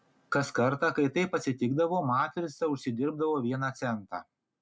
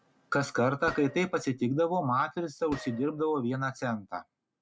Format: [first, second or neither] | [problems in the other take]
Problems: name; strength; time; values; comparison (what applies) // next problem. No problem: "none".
first | background sound (Gunshot, gunfire); 18 dB below the speech